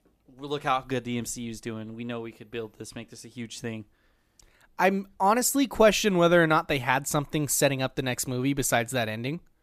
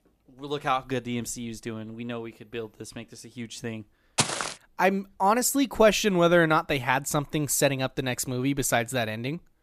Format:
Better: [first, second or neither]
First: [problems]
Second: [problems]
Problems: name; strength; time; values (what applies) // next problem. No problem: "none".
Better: first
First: none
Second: footsteps; noticeable; at 4 s; peak level with the speech